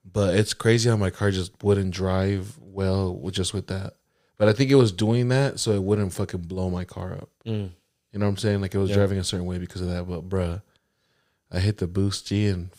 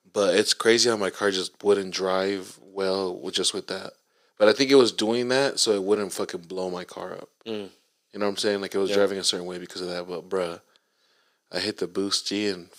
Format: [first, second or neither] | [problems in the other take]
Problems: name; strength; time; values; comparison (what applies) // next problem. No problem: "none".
first | thin; somewhat; fading below 300 Hz